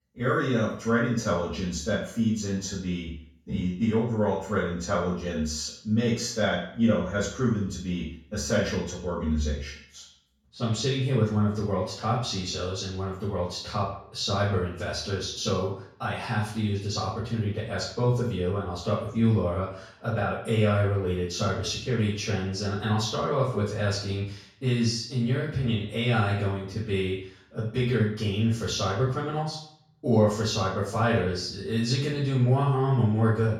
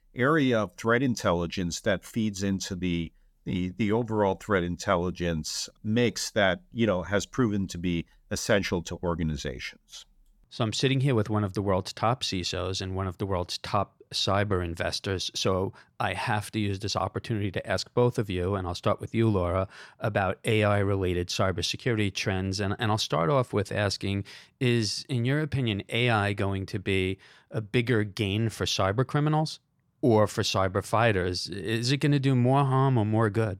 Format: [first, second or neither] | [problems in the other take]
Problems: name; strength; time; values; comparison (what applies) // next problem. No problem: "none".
second | room echo; noticeable; dies away in 0.5 s // off-mic speech; far